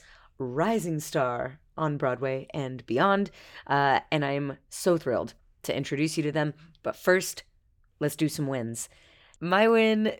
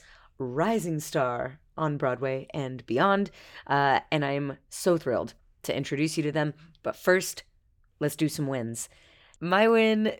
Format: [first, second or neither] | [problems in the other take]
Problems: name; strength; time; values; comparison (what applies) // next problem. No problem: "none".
neither | none